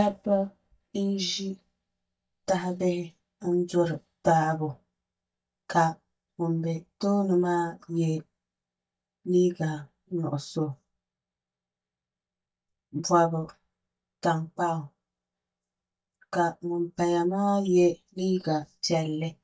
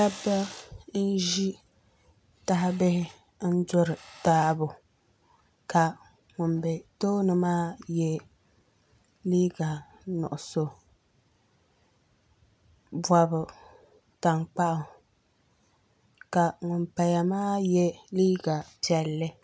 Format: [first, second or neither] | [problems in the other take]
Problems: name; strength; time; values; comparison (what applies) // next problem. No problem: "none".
second | noise reduction (neural mask model DeepFilterNet 3)